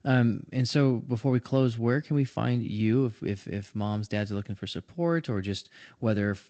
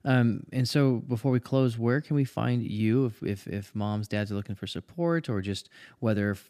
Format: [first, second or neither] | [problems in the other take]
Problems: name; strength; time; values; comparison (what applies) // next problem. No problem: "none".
second | garbled, watery; slightly; nothing above 8 kHz